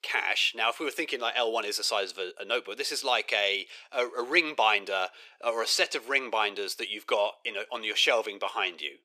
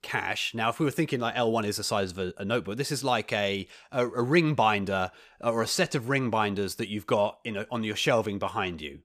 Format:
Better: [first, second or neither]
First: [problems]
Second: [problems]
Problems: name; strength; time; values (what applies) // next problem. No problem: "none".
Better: second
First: thin; very; fading below 400 Hz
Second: none